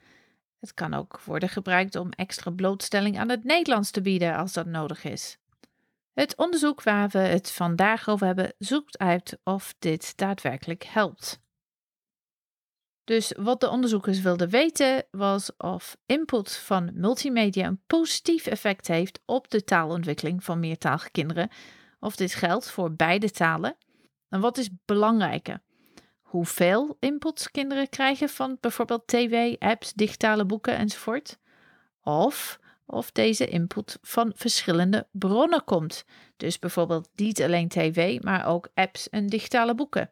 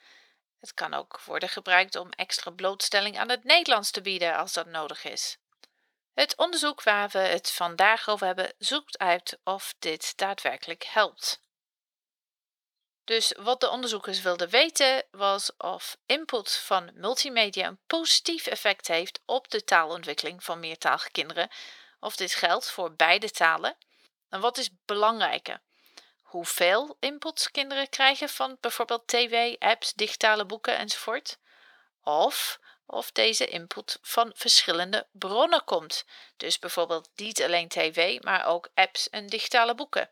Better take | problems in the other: first | thin; very; fading below 650 Hz

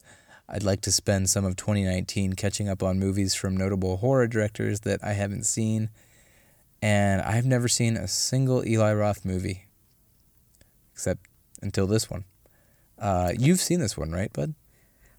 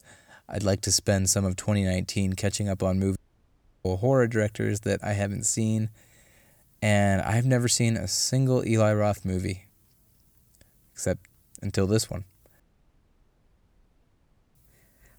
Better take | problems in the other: first | audio cutting out; at 3 s for 0.5 s and at 13 s for 2 s

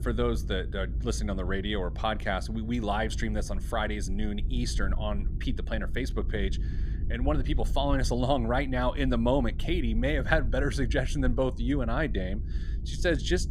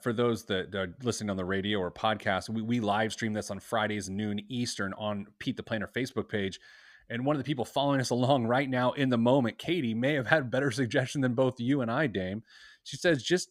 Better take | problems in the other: second | low rumble; noticeable; throughout; 20 dB below the speech

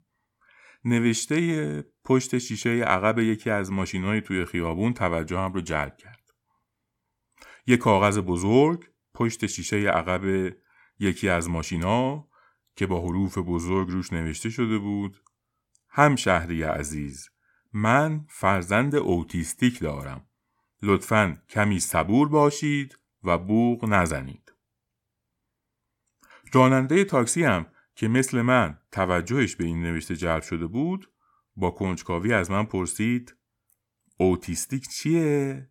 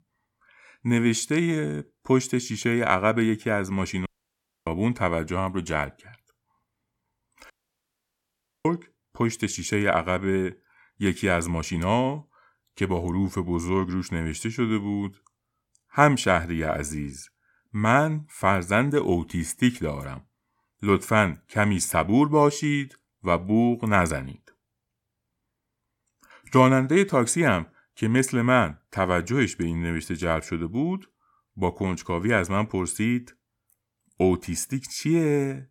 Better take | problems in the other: first | audio cutting out; at 4 s for 0.5 s and at 7.5 s for 1 s

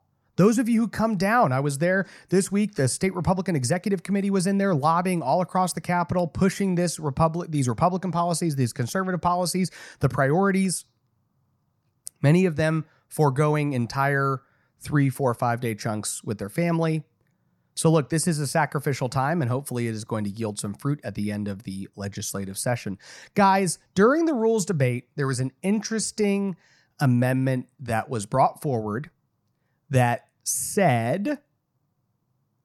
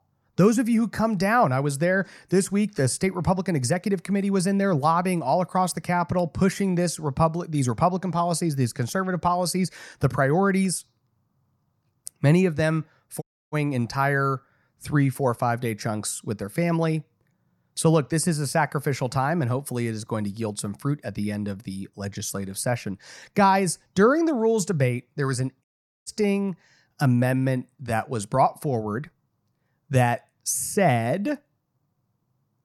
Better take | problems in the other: first | audio cutting out; at 13 s and at 26 s

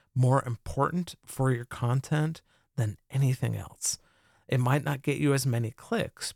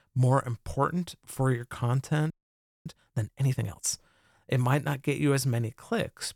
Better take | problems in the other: first | audio freezing; at 2.5 s for 0.5 s

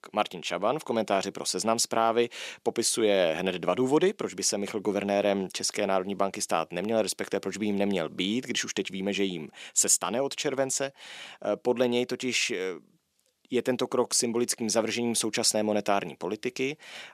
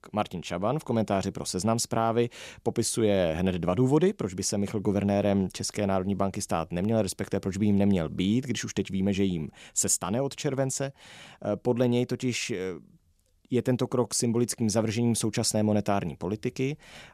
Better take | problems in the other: second | thin; somewhat; fading below 300 Hz

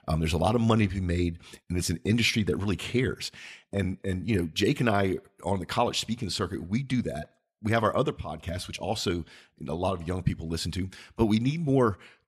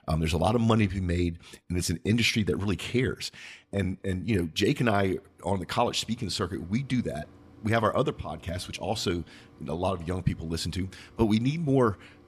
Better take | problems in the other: first | machinery noise; faint; throughout; 25 dB below the speech

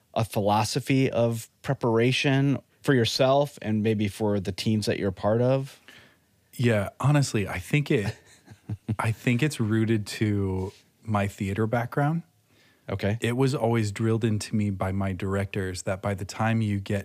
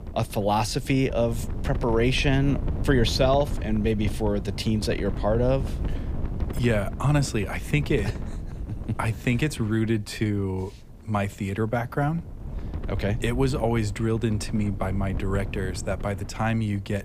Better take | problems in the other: first | wind noise on the microphone; occasional gusts; 15 dB below the speech

